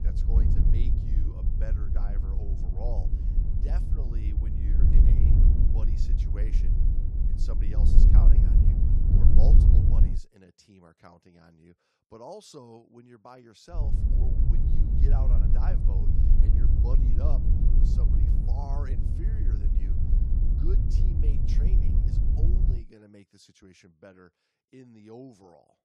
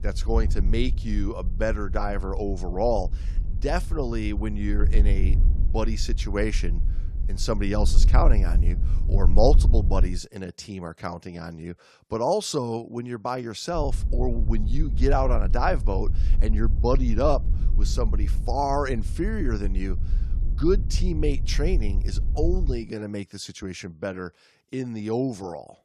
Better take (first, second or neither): second